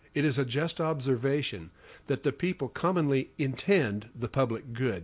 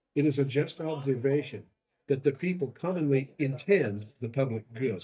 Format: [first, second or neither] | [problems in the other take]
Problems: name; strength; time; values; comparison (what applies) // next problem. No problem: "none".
first | noise reduction (neural mask model DeepFilterNet 3)